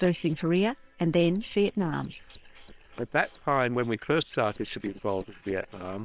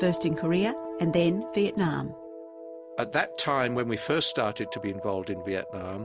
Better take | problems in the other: second | noise reduction (neural separator model SepFormer WHAM!)

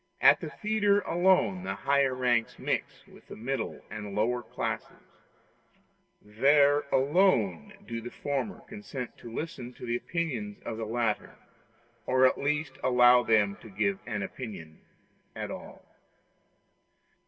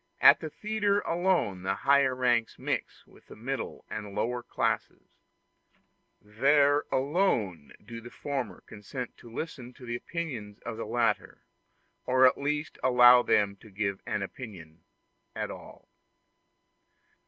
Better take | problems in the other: second | room echo; dies away in 2.3 s

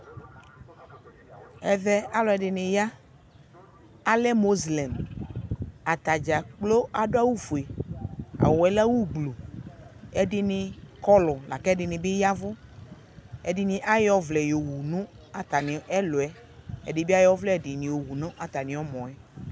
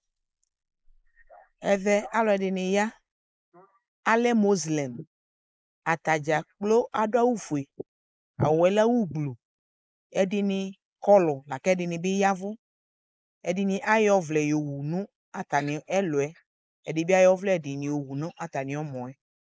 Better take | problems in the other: first | noise reduction (neural mask model Resemble Enhance denoiser)

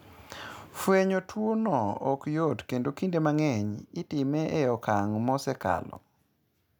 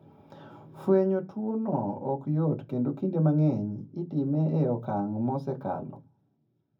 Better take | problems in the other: first | room echo; dies away in 0.4 s

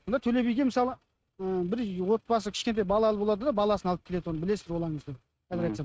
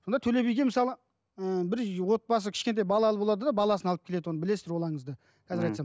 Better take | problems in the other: second | noise reduction (neural mask model RNNoise)

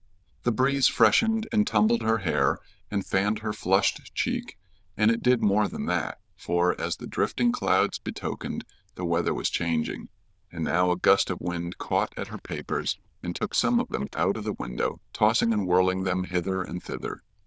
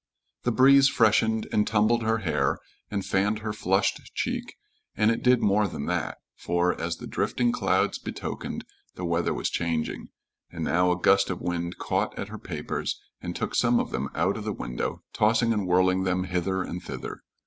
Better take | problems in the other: second | noise reduction (neural diffusion model UNIVERSE++)

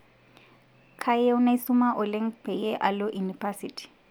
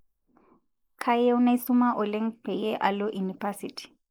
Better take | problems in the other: first | noise reduction (neural mask model Resemble Enhance denoiser)

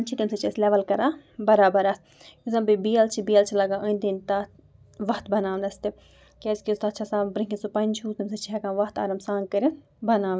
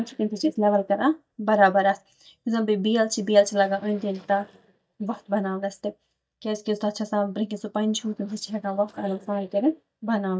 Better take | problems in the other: first | noise reduction (neural mask model DeepFilterNet 3)

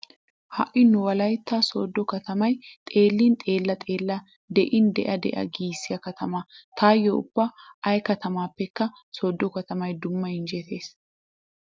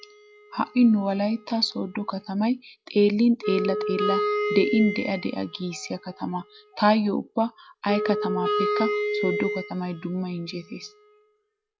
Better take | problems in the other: first | noise reduction (classical method log-MMSE)

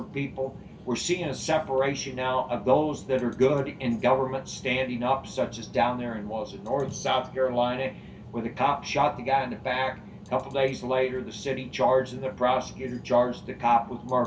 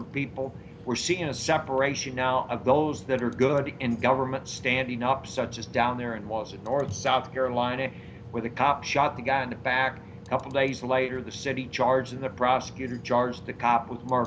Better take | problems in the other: second | room echo; dies away in 0.2 s

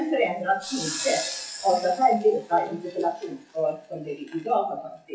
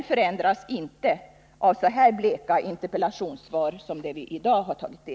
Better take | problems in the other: second | noise reduction (classical method WPE with log-MMSE)

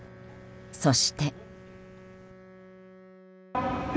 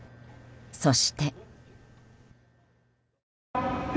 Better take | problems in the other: second | background sound (Wind instrument, woodwind instrument); 18 dB below the speech

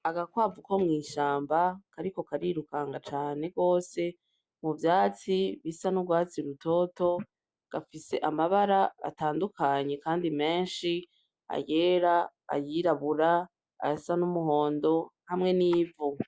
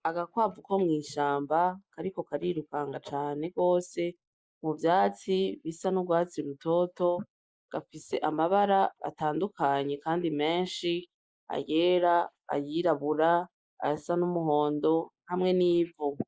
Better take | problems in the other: first | noise reduction (neural mask model Resemble Enhance denoiser)

